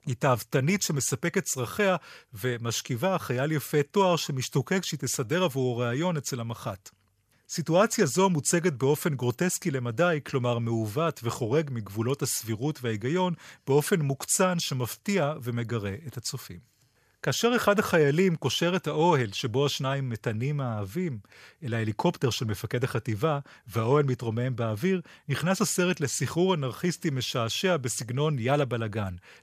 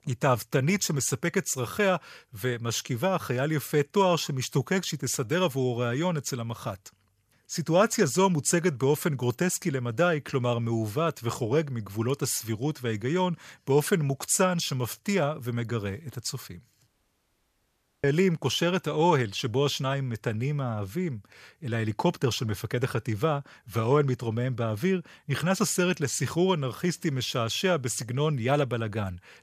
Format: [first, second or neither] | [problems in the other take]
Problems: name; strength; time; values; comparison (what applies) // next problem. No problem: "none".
first | audio cutting out; at 17 s for 1 s